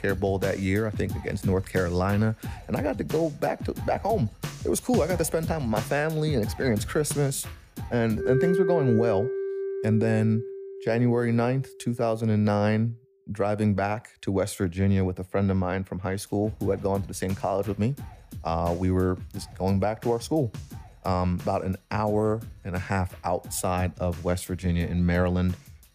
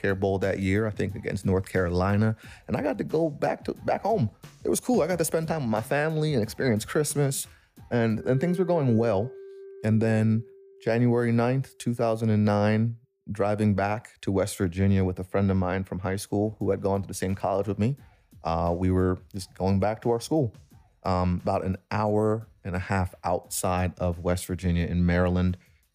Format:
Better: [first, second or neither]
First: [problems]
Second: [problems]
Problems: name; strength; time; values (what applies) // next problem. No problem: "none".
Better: second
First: background music; loud; throughout; 9 dB below the speech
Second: background music; faint; throughout; 25 dB below the speech